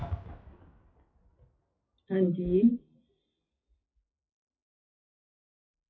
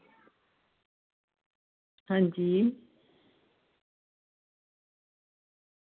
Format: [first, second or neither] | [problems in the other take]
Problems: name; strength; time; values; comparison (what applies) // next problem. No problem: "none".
second | noise reduction (classical method WPE with log-MMSE)